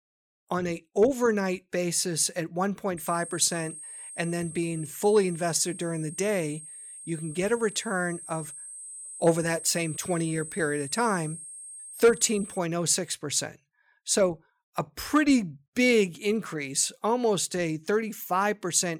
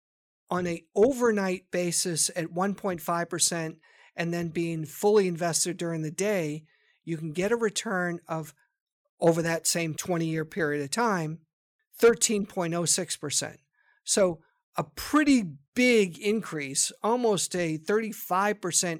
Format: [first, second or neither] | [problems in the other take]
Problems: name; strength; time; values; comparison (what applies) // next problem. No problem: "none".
second | high-pitched whine; noticeable; from 3 to 13 s; 8.5 kHz, 10 dB below the speech